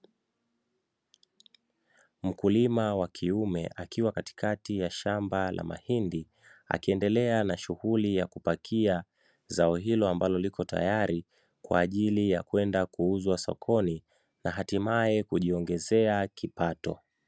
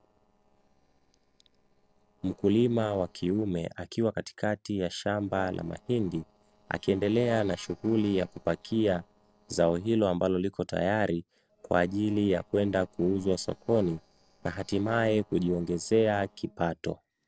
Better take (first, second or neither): first